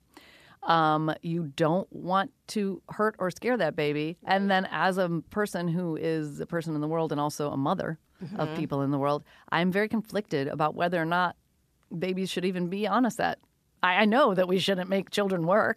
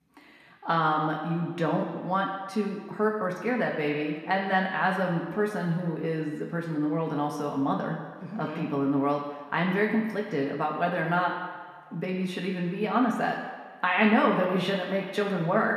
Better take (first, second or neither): first